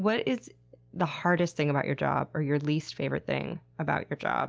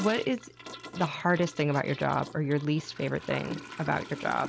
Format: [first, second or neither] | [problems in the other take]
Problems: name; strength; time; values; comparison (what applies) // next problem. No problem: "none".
first | background sound (Toilet flush / Gurgling); 14 dB below the speech